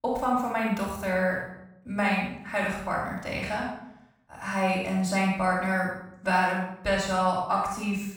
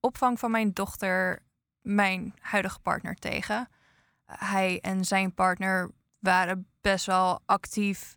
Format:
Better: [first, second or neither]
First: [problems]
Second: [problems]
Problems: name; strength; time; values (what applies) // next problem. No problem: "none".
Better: second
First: off-mic speech; far // room echo; noticeable; dies away in 0.7 s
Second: none